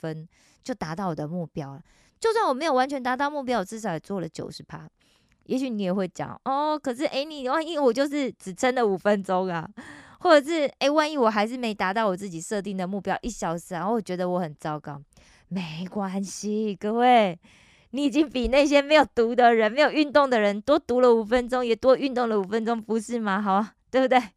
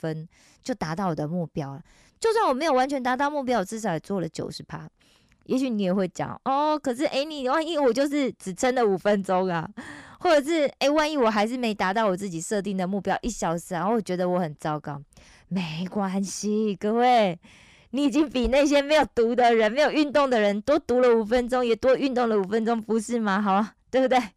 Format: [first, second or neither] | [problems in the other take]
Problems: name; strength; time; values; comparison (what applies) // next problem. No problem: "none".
first | distortion; slight; 10 dB below the speech